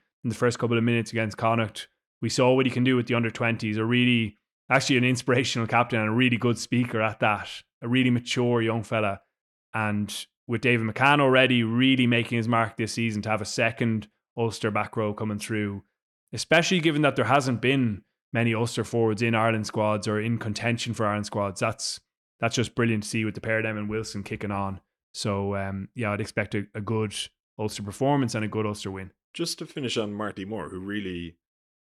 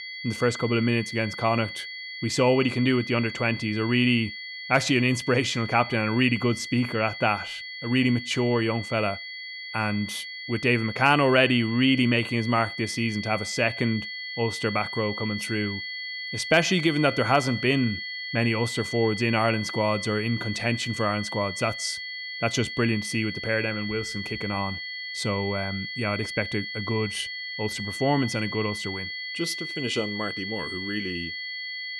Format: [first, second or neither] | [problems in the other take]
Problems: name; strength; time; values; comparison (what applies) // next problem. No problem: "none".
first | high-pitched whine; loud; throughout; 2 kHz, 7 dB below the speech